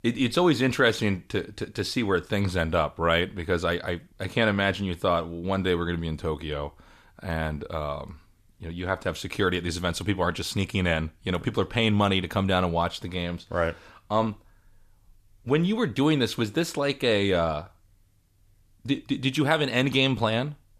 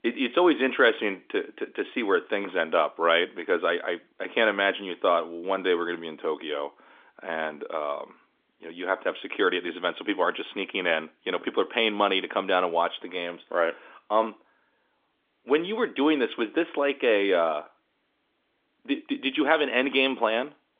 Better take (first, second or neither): first